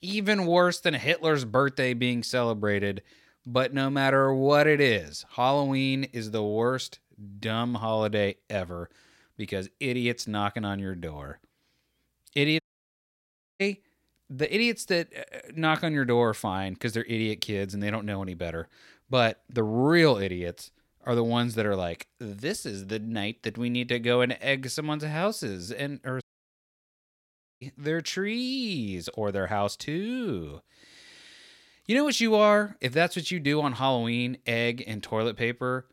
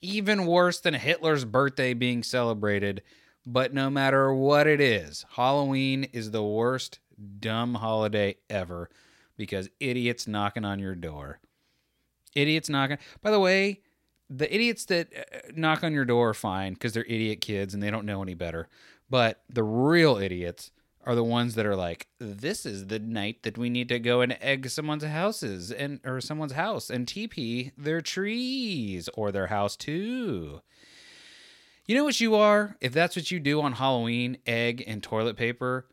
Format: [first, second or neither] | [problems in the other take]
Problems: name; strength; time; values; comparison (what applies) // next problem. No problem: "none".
second | audio cutting out; at 13 s for 1 s and at 26 s for 1.5 s